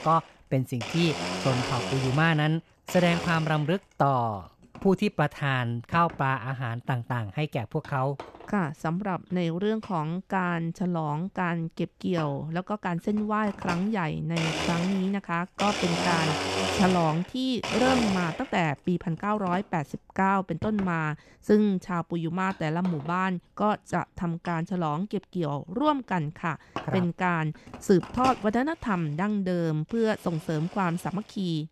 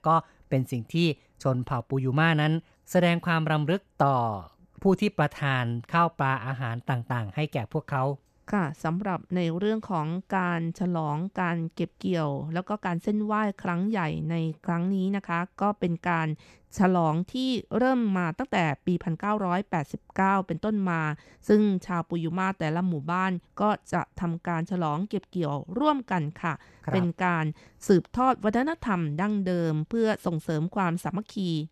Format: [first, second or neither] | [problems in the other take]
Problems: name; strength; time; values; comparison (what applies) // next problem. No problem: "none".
second | household noises; loud; throughout; 5 dB below the speech